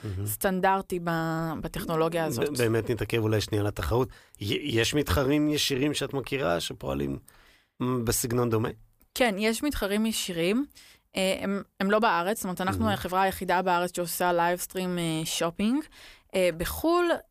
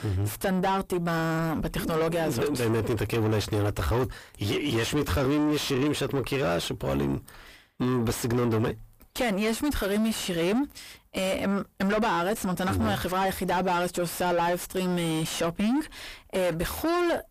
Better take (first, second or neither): first